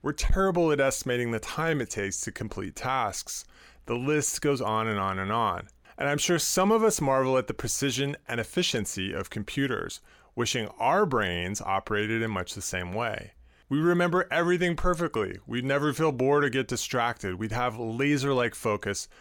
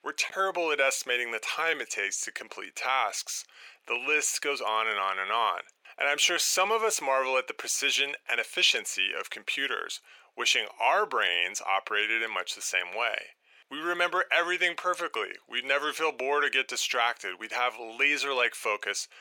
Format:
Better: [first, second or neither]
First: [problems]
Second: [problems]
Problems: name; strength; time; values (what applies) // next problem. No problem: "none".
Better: first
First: none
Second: thin; very; fading below 500 Hz